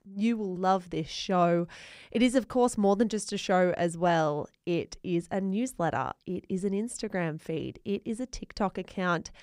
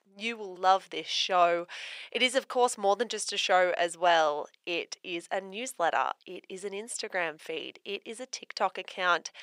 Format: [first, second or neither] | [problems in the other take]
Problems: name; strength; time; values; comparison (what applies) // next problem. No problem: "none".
first | thin; very; fading below 650 Hz